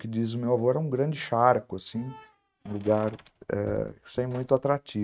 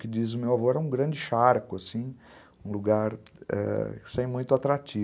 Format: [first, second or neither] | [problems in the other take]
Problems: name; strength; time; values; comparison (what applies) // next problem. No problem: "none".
second | noise reduction (neural mask model RNNoise)